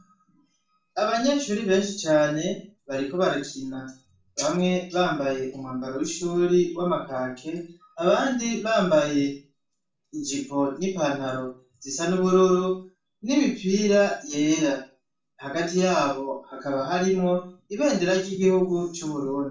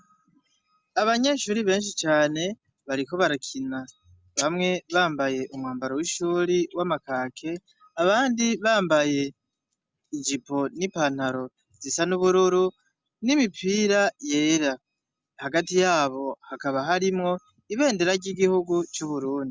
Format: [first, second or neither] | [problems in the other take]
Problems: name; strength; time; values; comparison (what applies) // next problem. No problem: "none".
second | room echo; dies away in 0.4 s